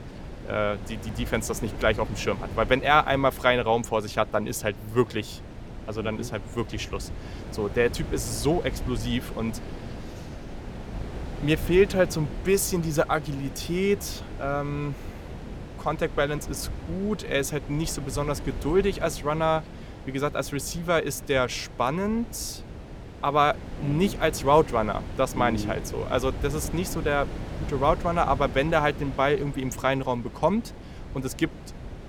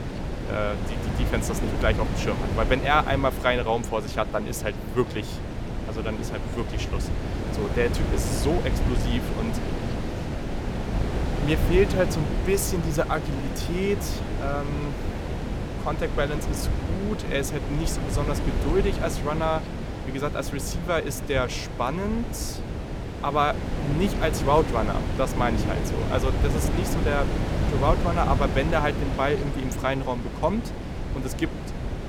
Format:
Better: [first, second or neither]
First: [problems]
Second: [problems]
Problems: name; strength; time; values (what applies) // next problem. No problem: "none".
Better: first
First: wind noise on the microphone; occasional gusts; 15 dB below the speech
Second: wind noise on the microphone; heavy; 7 dB below the speech